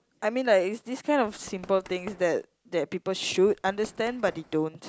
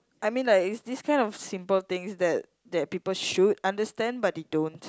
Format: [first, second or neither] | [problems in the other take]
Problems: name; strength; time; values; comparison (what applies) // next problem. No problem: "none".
second | background sound (Run); 20 dB below the speech